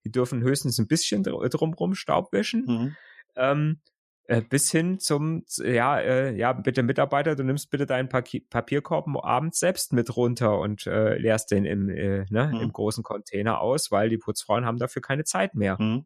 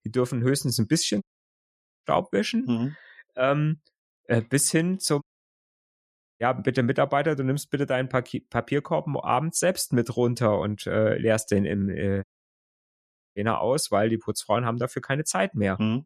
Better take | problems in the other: first | audio cutting out; at 1 s for 1 s, at 5 s for 1 s and at 12 s for 1 s

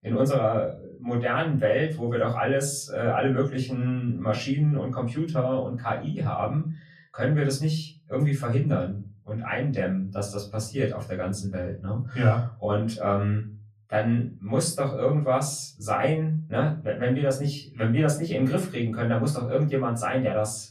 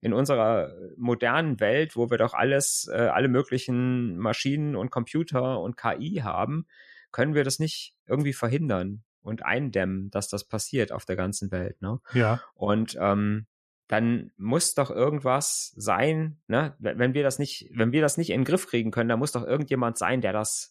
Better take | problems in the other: second | off-mic speech; far // room echo; slight; dies away in 0.4 s

